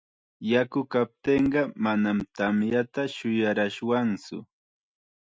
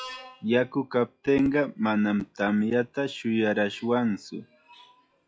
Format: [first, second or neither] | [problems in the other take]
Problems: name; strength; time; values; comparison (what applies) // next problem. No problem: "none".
first | noise reduction (classical method log-MMSE)